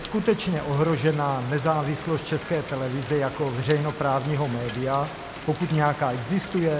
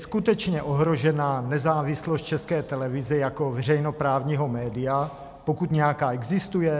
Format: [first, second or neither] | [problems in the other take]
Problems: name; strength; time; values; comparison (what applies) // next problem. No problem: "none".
second | background sound (Rain); 13 dB below the speech